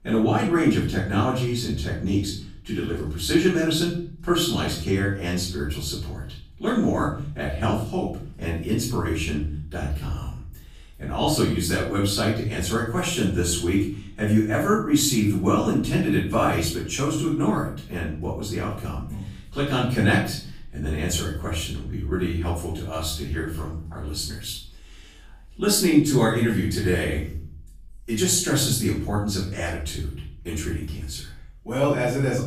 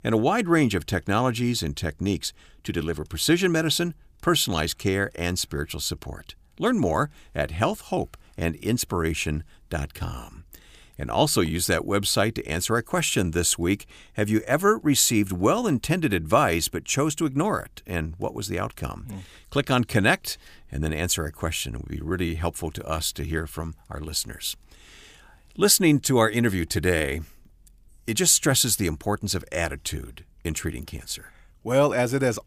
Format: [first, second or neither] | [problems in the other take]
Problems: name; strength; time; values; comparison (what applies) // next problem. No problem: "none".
second | off-mic speech; far // room echo; noticeable; dies away in 0.6 s